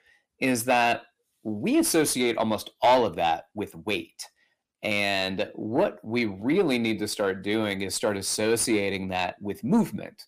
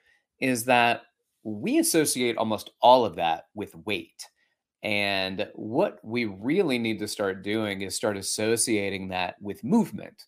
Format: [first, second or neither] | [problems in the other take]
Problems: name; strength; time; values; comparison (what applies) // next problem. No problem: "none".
second | distortion; slight; 10 dB below the speech